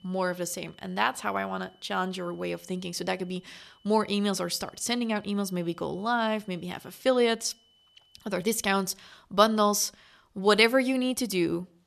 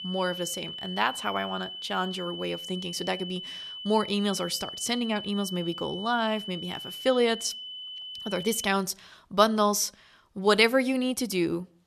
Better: first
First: high-pitched whine; faint; until 8.5 s; 3 kHz, 35 dB below the speech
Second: high-pitched whine; loud; until 8.5 s; 3 kHz, 9 dB below the speech

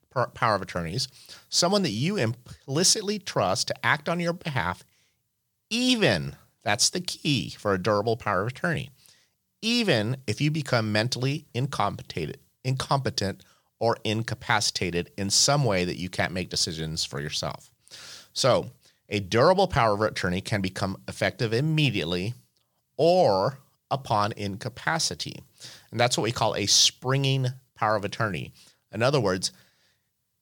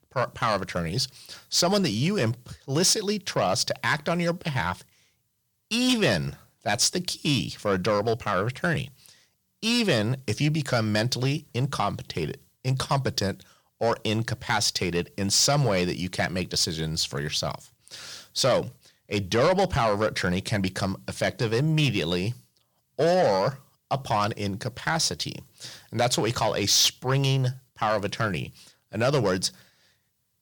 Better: first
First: none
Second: distortion; slight; 10 dB below the speech

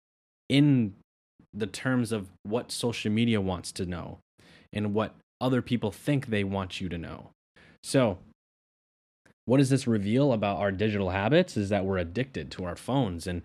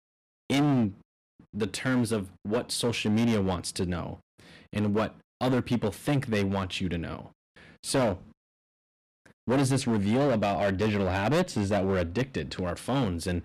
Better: first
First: none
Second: distortion; heavy; 9% of the sound clipped

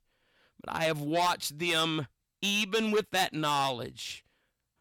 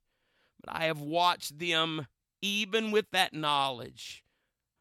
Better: second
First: distortion; heavy; 8 dB below the speech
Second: none

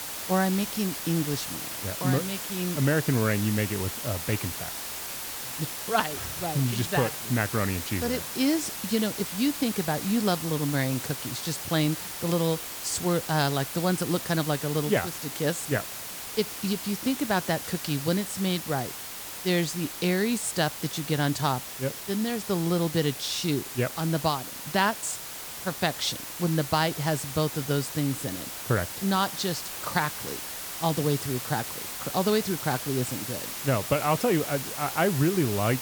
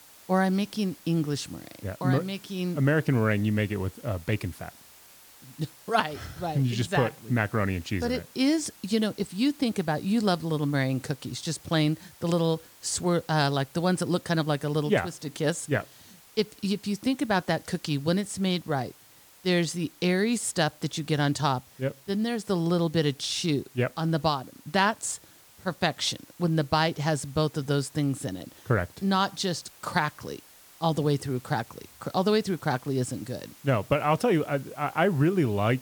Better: second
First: hiss; loud; throughout; 6 dB below the speech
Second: hiss; faint; throughout; 25 dB below the speech

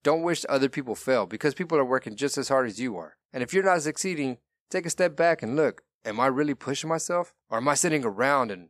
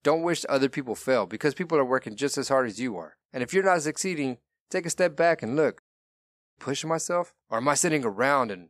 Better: first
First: none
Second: audio cutting out; at 6 s for 1 s

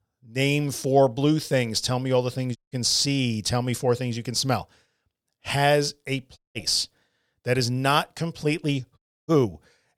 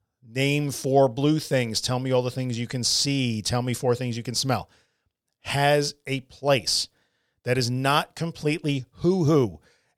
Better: second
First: audio cutting out; at 2.5 s, at 6.5 s and at 9 s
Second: none

